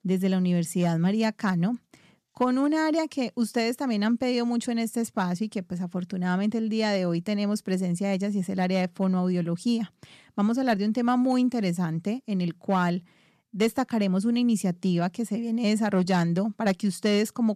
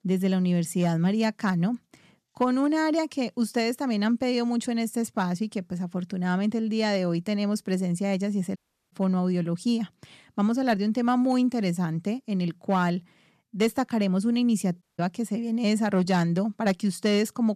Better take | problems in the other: first | audio cutting out; at 8.5 s and at 15 s

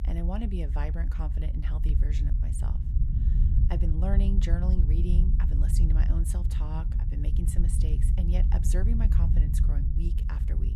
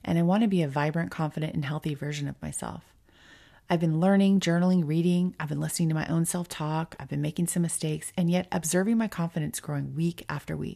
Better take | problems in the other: second | low rumble; loud; throughout; 3 dB below the speech

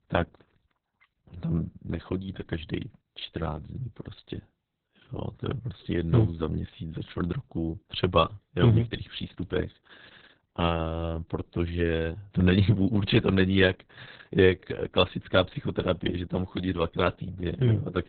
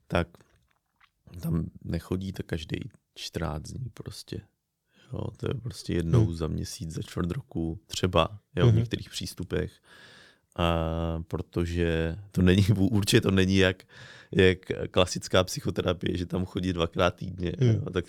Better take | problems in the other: second | garbled, watery; badly; nothing above 3.5 kHz

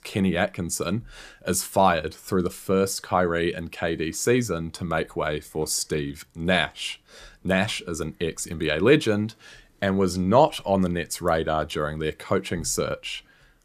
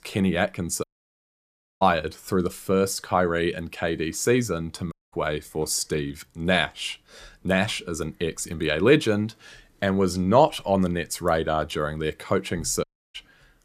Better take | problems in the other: first | audio cutting out; at 1 s for 1 s, at 5 s and at 13 s

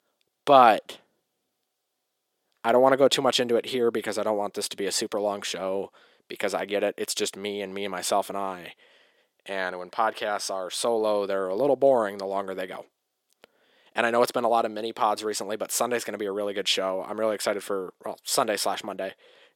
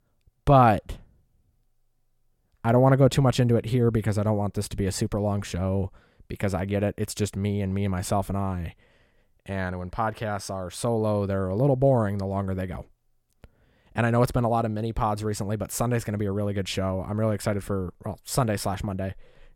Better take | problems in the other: second | thin; somewhat; fading below 350 Hz

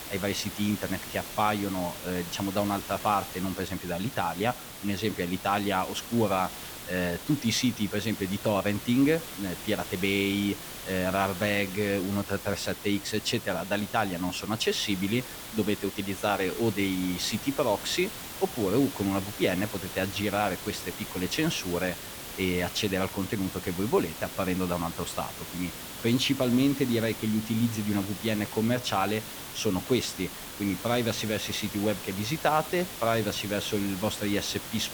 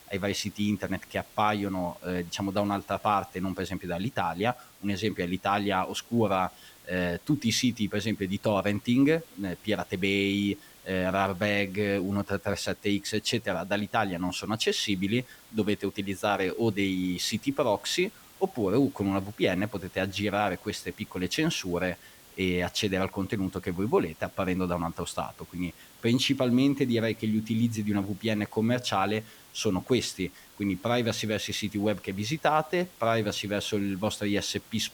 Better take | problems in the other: second | hiss; loud; throughout; 9 dB below the speech; faint in the second

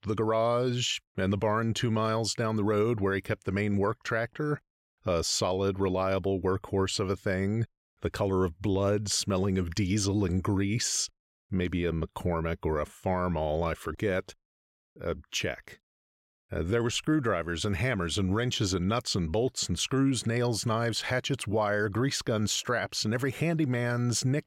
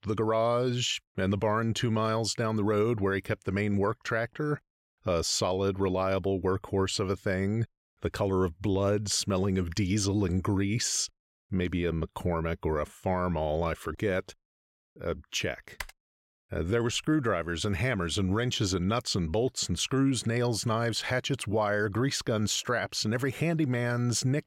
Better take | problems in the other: first | keyboard typing; faint; at 16 s; peak 15 dB below the speech

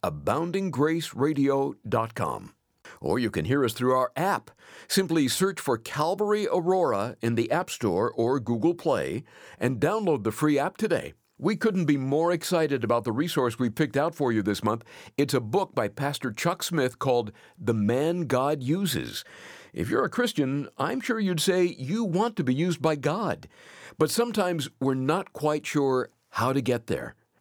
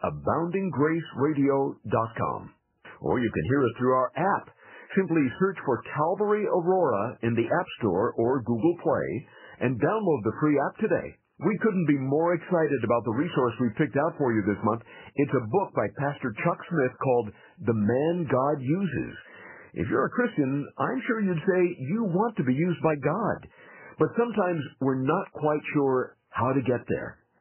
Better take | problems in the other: first | garbled, watery; badly; nothing above 3 kHz

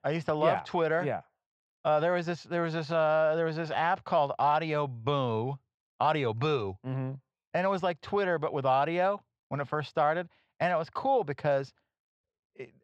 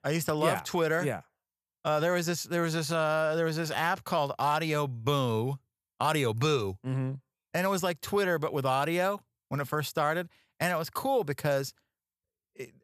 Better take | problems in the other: second | muffled; slightly; fading above 4 kHz

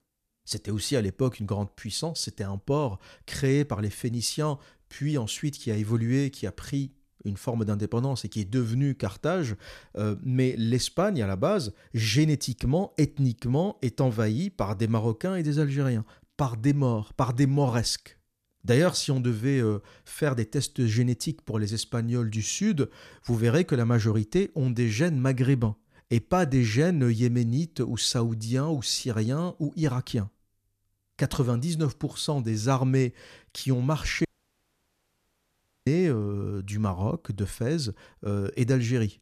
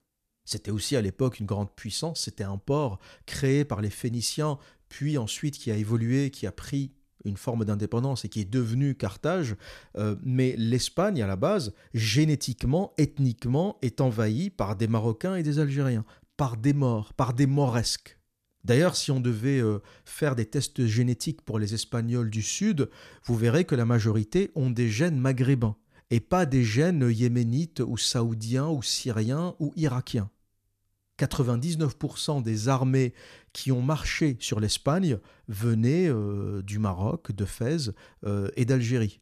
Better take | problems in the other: second | audio cutting out; at 34 s for 1.5 s

